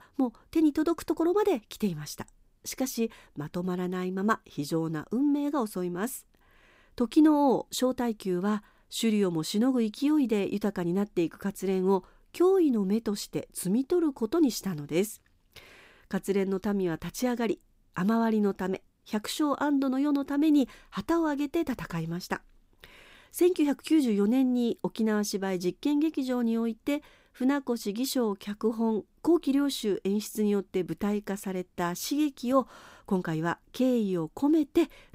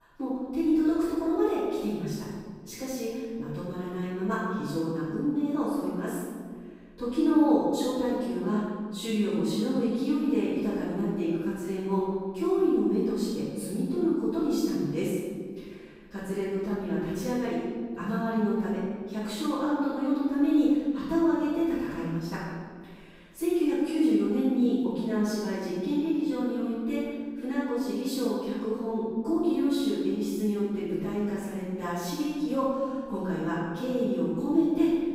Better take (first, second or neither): first